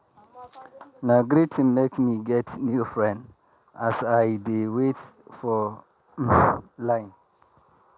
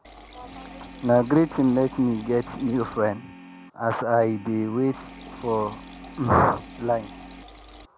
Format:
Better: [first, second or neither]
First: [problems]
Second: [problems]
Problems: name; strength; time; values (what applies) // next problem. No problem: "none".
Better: first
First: none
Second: background sound (Liquid + Organ); 17 dB below the speech